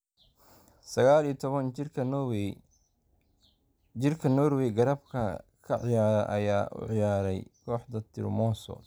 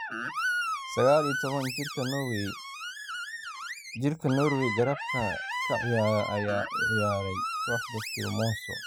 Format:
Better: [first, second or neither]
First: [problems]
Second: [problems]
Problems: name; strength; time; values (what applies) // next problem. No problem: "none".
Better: first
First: none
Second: noise reduction (classical method spectral subtraction)